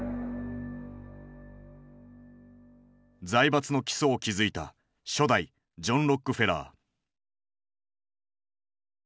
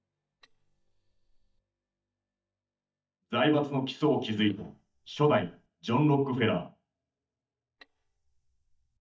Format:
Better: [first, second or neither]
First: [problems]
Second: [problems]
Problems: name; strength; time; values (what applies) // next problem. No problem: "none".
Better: first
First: none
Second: noise reduction (neural mask model DeepFilterNet 3)